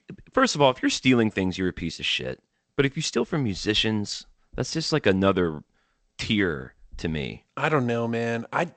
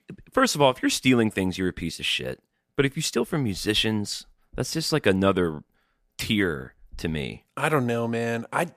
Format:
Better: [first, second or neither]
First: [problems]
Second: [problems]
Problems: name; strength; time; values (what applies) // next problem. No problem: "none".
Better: second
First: garbled, watery; slightly; nothing above 8 kHz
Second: none